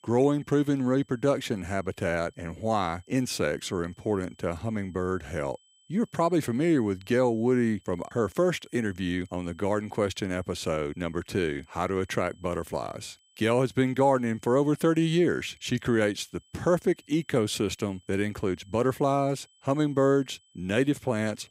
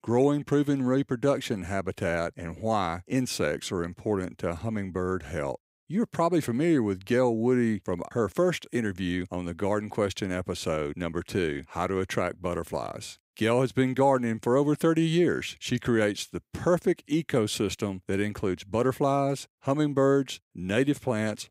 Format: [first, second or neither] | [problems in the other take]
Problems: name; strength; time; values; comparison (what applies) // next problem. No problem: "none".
second | high-pitched whine; faint; throughout; 3 kHz, 35 dB below the speech